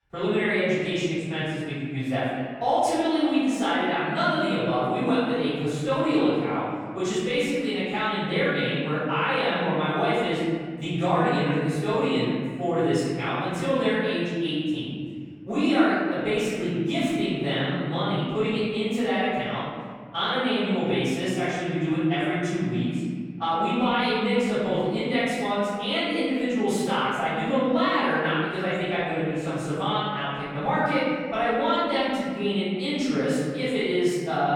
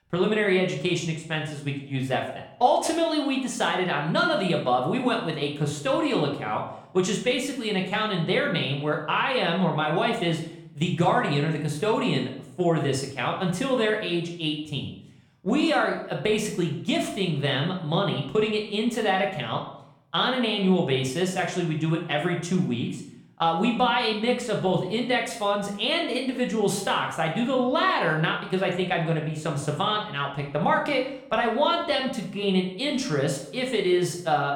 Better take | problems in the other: second | room echo; strong; dies away in 1.8 s; slight in the second // off-mic speech; far; somewhat distant in the second

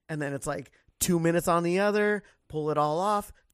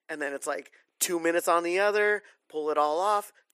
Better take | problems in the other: first | thin; very; fading below 350 Hz

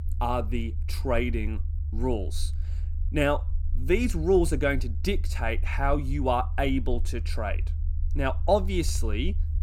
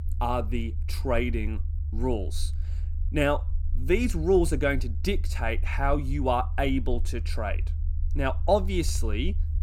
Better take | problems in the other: neither | low rumble; faint; throughout; 20 dB below the speech; the same in both

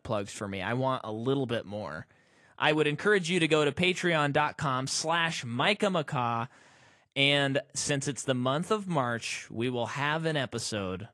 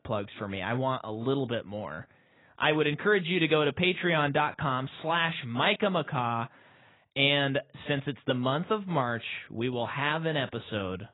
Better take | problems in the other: first | garbled, watery; badly; nothing above 4 kHz; slightly in the first

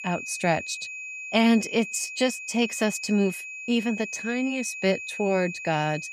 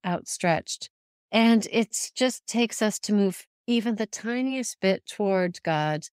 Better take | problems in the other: second | high-pitched whine; loud; throughout; 2.5 kHz, 8 dB below the speech

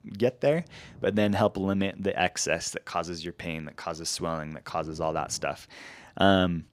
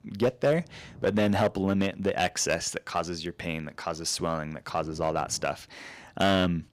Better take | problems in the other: first | distortion; slight; 3% of the sound clipped

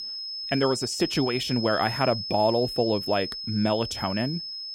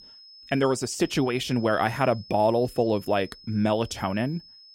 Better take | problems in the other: second | high-pitched whine; loud; throughout; 5 kHz, 6 dB below the speech; faint in the second

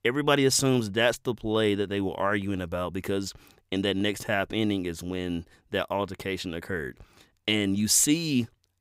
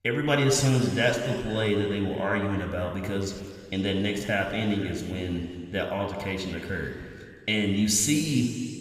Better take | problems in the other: first | room echo; noticeable; dies away in 2.1 s

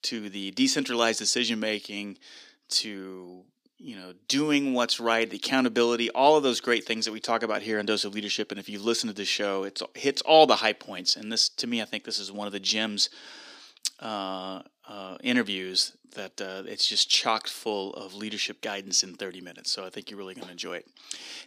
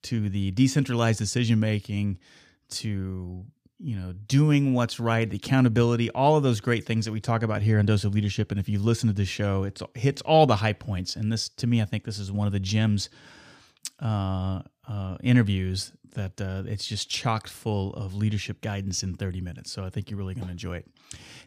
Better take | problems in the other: second | thin; somewhat; fading below 300 Hz

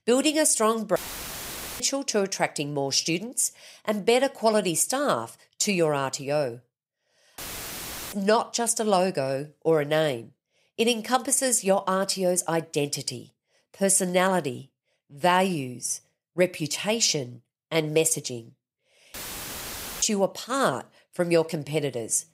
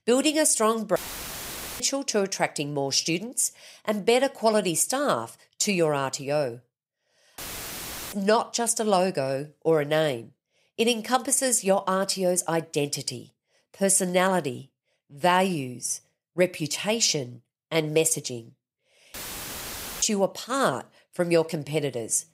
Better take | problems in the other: neither | audio cutting out; filled with static; at 1 s for 1 s, at 7.5 s for 1 s and at 19 s for 1 s; the same in both

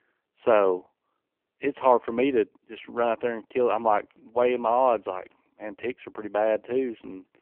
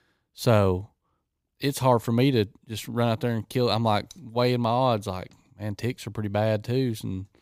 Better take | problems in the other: second | phone-call audio; poor line

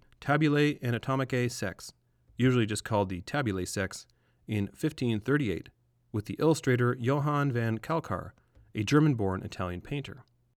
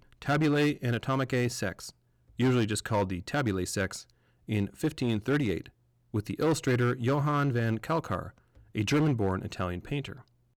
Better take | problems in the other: first | distortion; slight; 7% of the sound clipped

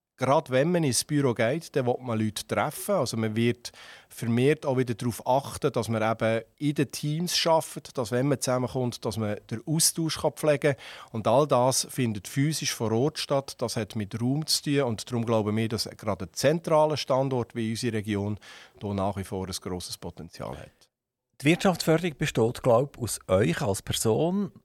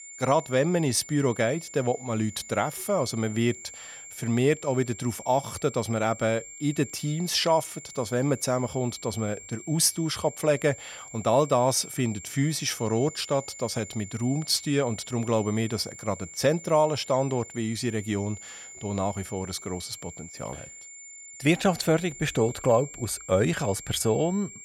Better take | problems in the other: first | high-pitched whine; noticeable; throughout; 7 kHz, 15 dB below the speech

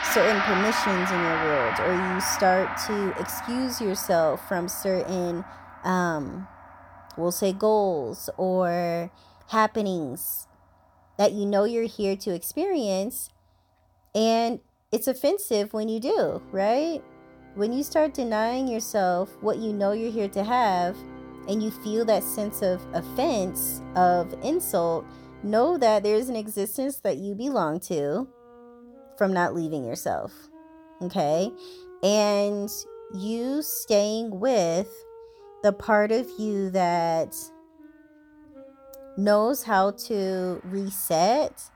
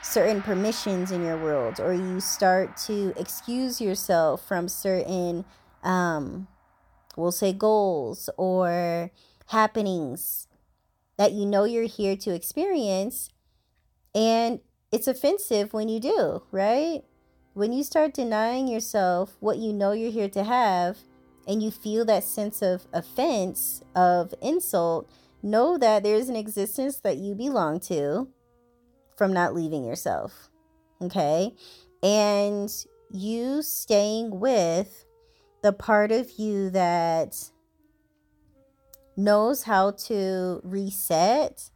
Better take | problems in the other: second | background music; loud; throughout; 8 dB below the speech; faint in the second

